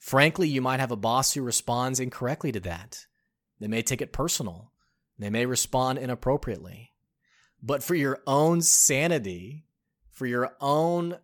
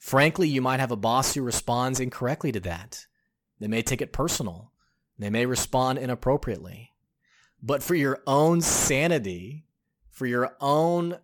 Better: first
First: none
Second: distortion; slight; 8 dB below the speech

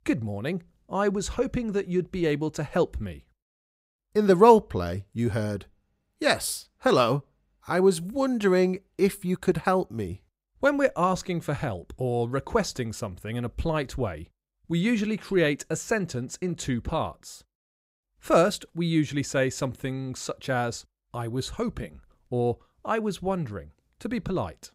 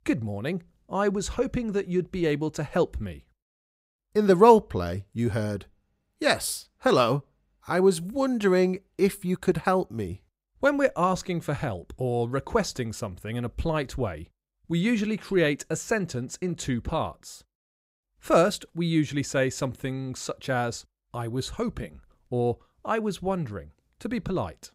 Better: neither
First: none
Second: none

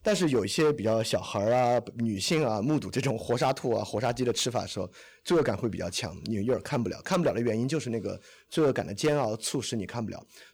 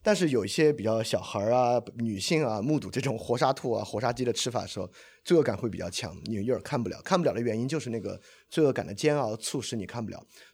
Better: second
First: distortion; slight; 5% of the sound clipped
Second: none

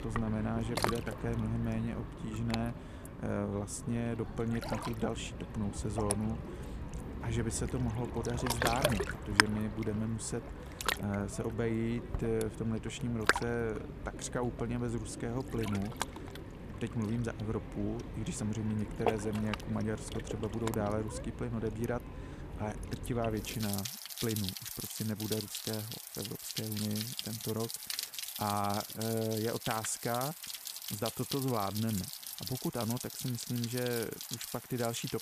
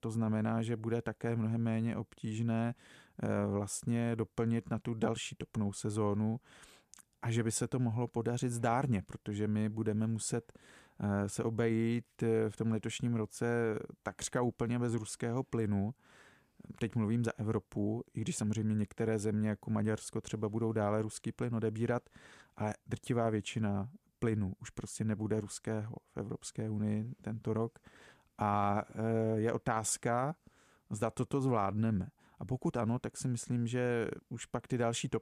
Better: second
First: rain or running water; loud; throughout; 3 dB below the speech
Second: none

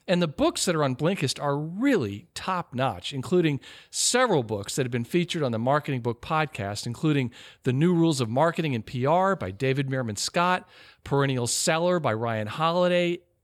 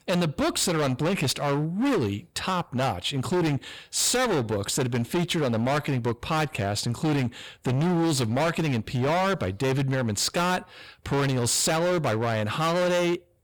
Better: first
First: none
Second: distortion; heavy; 24% of the sound clipped

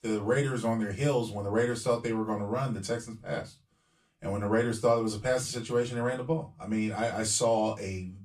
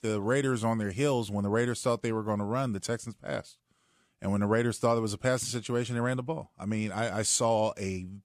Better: second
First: off-mic speech; far // room echo; very slight; dies away in 0.2 s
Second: none

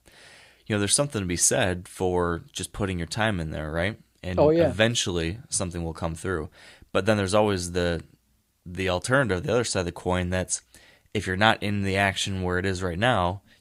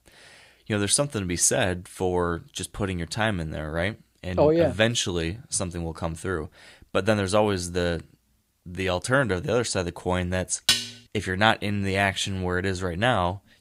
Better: first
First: none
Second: clattering dishes; loud; at 11 s; peak 3 dB above the speech

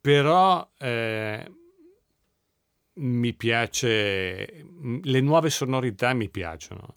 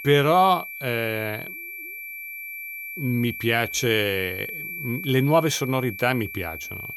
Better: first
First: none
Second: high-pitched whine; loud; throughout; 2.5 kHz, 9 dB below the speech

